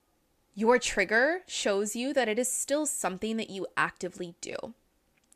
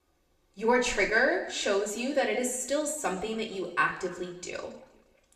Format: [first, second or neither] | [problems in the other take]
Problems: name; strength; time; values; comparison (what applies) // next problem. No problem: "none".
first | room echo; slight; dies away in 0.8 s // off-mic speech; somewhat distant